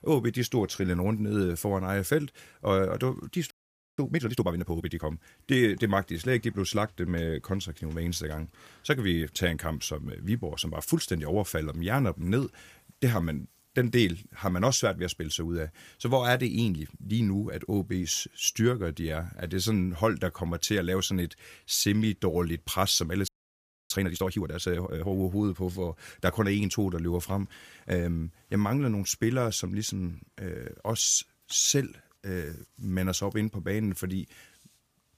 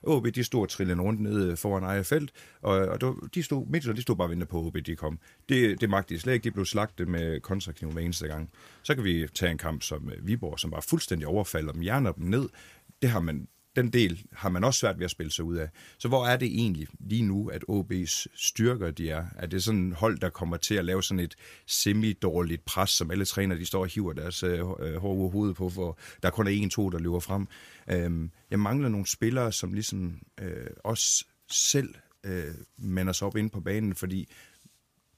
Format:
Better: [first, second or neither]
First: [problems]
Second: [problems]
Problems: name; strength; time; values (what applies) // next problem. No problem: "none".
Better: second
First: audio freezing; at 3.5 s and at 23 s for 0.5 s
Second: none